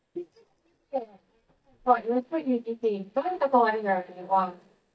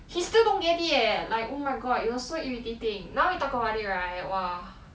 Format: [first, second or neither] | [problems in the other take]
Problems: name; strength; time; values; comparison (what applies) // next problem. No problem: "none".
second | noise reduction (neural mask model DeepFilterNet 3)